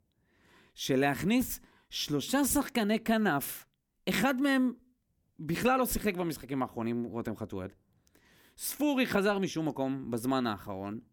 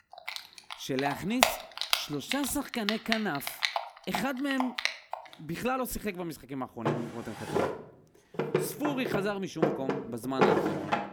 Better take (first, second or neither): first